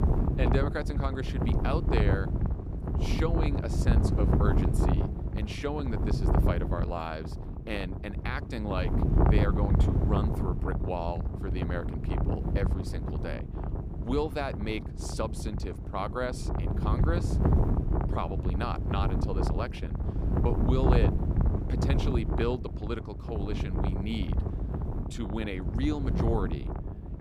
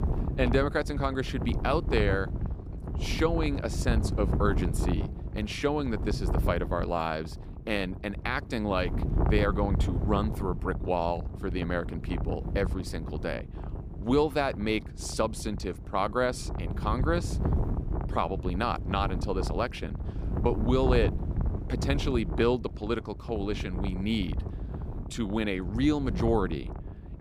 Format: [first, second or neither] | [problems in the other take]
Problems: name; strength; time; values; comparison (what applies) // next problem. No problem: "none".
second | wind noise on the microphone; heavy; 2 dB below the speech; occasional gusts in the second